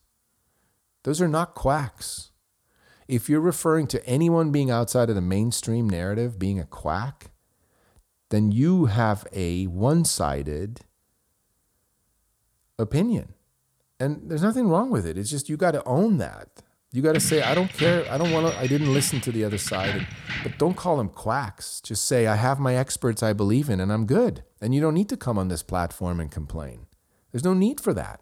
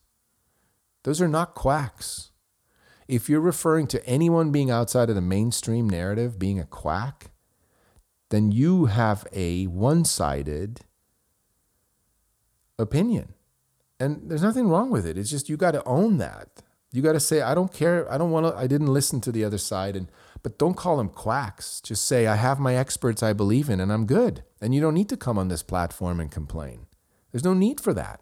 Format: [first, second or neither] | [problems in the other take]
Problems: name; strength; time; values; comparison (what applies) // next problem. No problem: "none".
second | jangling keys; noticeable; from 17 to 21 s; peak 3 dB below the speech